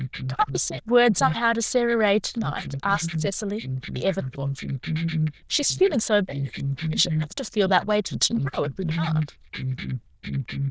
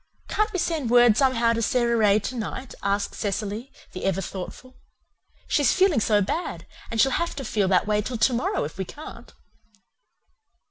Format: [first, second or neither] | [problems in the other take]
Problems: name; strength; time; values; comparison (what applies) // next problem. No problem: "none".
second | noise reduction (neural diffusion model UNIVERSE++)